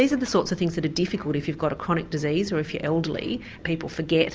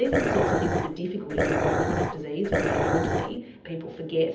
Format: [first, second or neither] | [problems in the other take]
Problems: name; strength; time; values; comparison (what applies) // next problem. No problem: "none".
first | background sound (Dog); 5 dB above the speech // room echo; dies away in 0.7 s